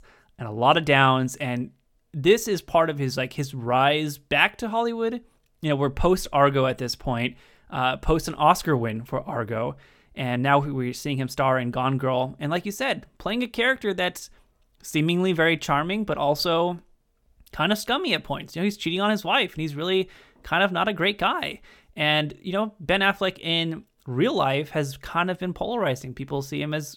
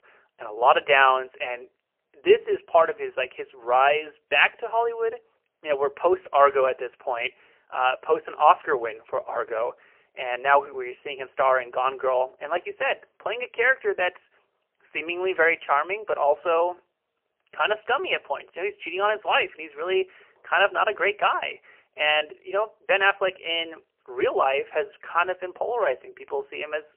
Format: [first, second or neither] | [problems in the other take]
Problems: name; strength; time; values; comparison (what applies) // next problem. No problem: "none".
first | phone-call audio; poor line; nothing above 3 kHz